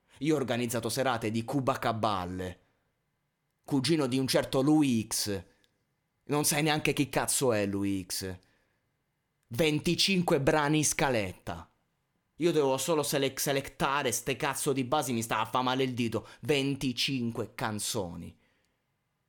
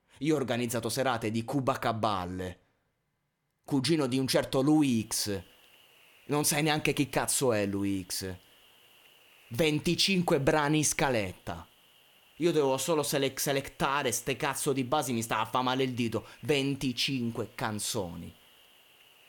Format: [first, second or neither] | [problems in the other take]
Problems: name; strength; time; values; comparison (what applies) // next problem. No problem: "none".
first | hiss; faint; from 4.5 s on; 30 dB below the speech